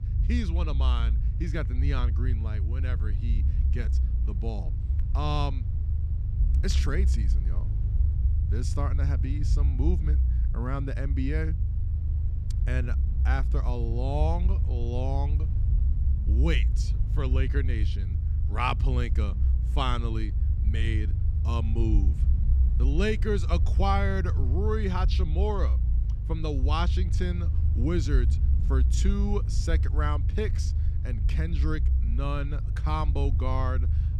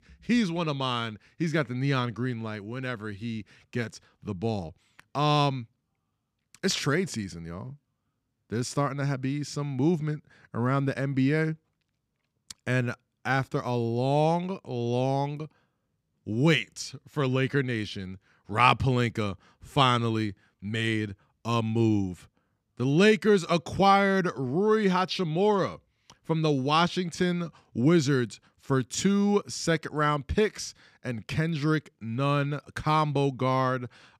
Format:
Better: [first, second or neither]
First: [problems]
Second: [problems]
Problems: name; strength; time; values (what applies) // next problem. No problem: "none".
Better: second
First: low rumble; loud; throughout; 10 dB below the speech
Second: none